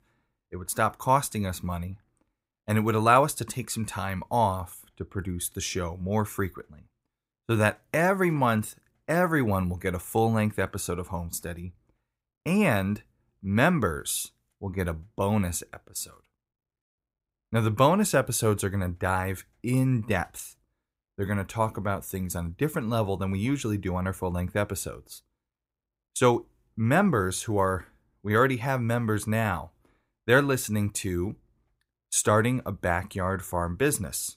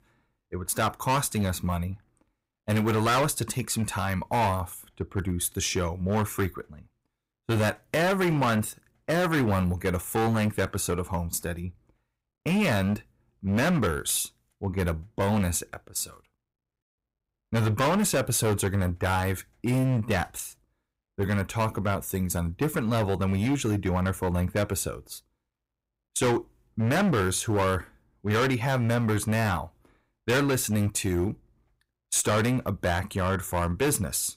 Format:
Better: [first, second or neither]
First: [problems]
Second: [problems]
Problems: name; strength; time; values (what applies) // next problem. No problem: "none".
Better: first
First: none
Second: distortion; heavy; 11% of the sound clipped